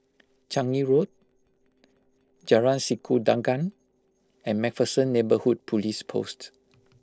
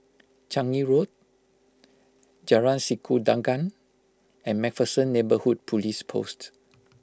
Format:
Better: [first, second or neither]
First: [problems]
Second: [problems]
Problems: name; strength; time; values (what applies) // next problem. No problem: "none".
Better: second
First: noise reduction (neural separator model SepFormer DNS4)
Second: none